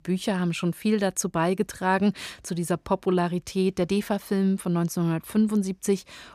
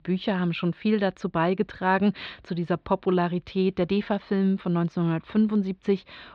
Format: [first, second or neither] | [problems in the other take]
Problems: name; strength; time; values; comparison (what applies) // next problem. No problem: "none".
first | muffled; slightly; fading above 4 kHz